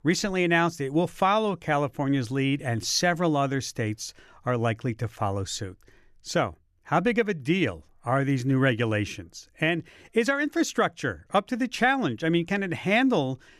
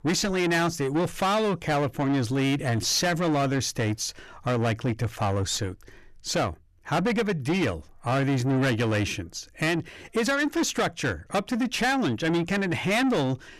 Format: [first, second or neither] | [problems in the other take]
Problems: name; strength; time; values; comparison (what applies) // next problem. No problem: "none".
first | distortion; heavy; 7 dB below the speech